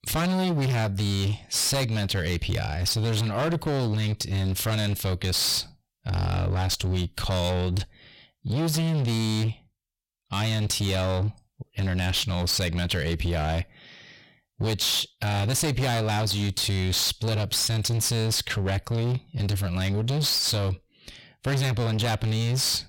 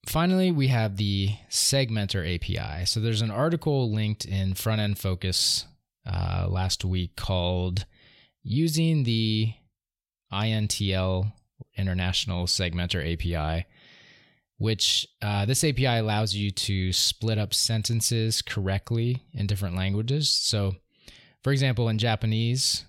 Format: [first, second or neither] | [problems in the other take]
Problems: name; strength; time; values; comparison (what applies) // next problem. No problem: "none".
second | distortion; heavy; 29% of the sound clipped